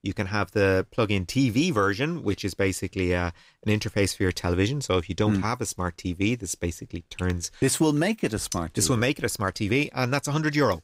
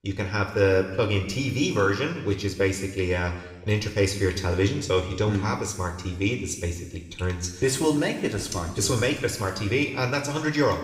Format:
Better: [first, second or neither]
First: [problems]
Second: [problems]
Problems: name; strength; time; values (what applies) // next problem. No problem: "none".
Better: first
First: none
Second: room echo; noticeable; dies away in 1.1 s // off-mic speech; somewhat distant